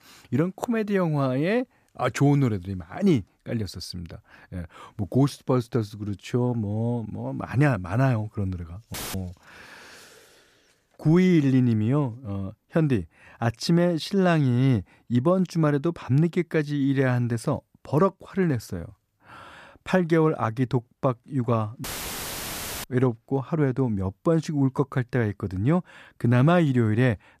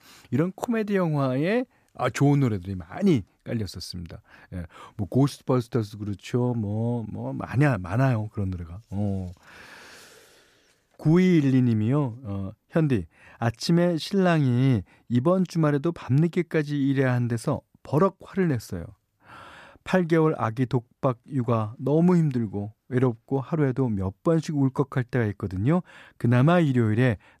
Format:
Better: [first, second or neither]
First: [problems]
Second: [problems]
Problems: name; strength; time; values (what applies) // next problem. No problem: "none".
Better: second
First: audio cutting out; filled with static; at 9 s and at 22 s for 1 s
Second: none